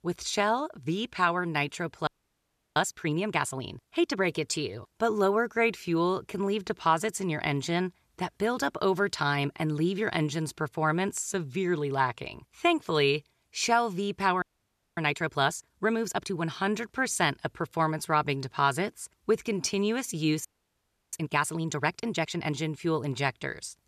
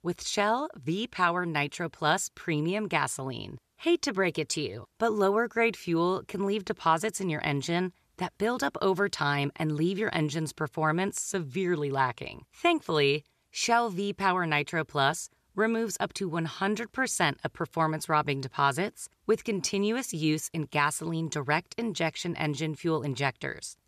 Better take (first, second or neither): second